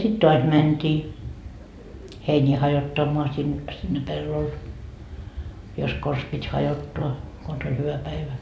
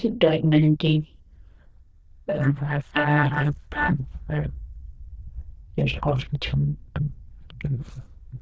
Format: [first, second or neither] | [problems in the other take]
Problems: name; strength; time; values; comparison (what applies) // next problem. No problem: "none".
first | noise reduction (neural diffusion model UNIVERSE++)